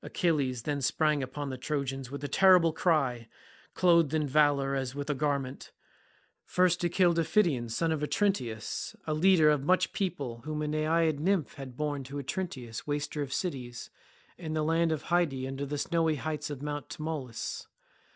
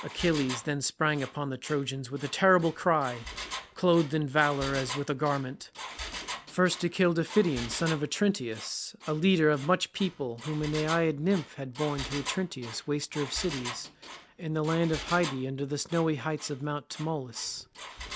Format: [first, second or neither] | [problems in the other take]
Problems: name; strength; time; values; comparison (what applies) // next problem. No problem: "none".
first | background sound (Engine); 13 dB below the speech